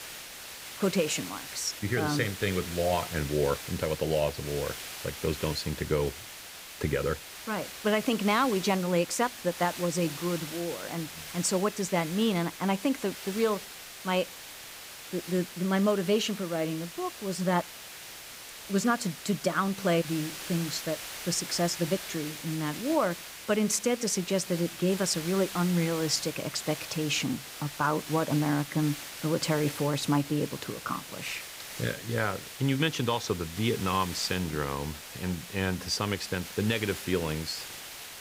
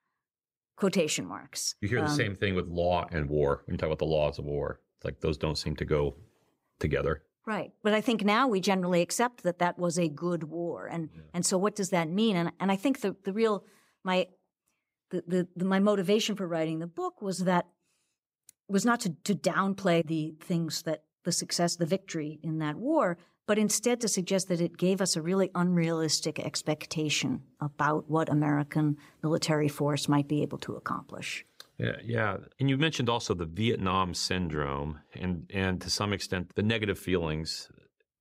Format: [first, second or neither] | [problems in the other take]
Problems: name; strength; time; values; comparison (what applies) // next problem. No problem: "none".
second | hiss; loud; throughout; 10 dB below the speech